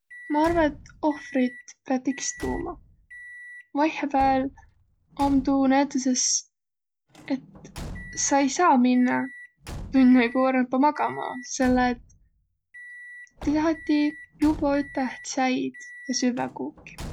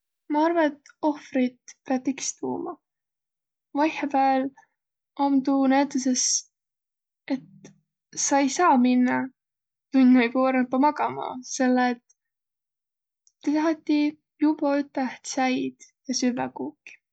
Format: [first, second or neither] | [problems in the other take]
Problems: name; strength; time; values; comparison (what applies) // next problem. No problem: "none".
second | background sound (Slam / Truck / Car + Microwave oven); 17 dB below the speech